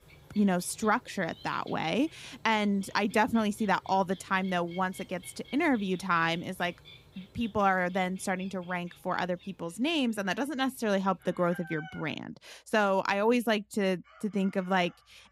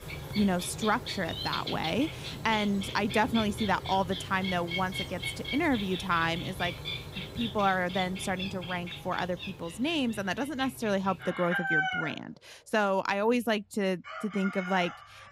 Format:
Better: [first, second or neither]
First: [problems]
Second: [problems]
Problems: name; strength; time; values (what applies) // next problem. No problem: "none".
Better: first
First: animal sounds; faint; throughout; 20 dB below the speech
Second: animal sounds; loud; throughout; 6 dB below the speech